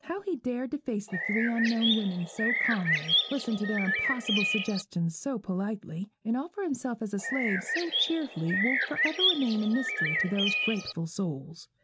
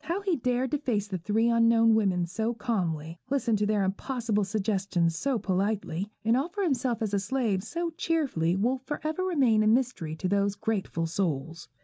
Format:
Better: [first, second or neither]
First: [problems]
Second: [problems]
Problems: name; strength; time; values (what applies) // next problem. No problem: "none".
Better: second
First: background sound (Bird); 1 dB above the speech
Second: none